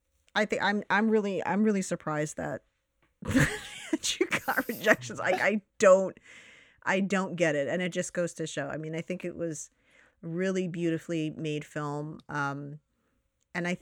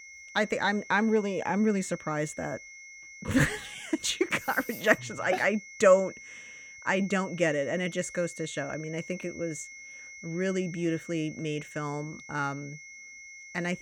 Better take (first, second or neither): first